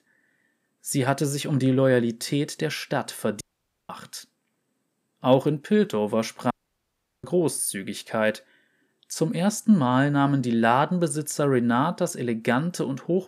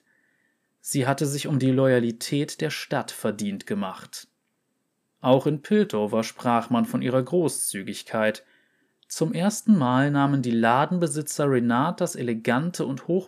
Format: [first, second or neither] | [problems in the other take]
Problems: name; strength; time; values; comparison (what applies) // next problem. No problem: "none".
second | audio cutting out; at 3.5 s and at 6.5 s for 0.5 s